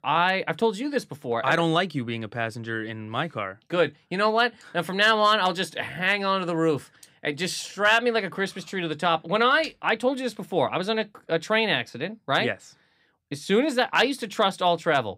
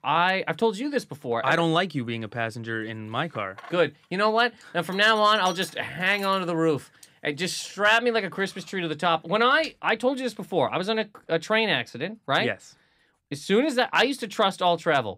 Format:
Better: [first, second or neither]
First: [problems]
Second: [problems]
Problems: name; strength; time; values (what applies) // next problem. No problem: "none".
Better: first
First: none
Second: household noises; faint; throughout; 20 dB below the speech